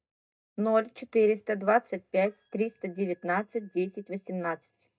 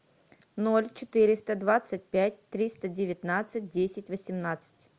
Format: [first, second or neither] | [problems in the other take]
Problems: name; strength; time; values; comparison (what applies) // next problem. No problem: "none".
second | noise reduction (neural mask model DeepFilterNet 3)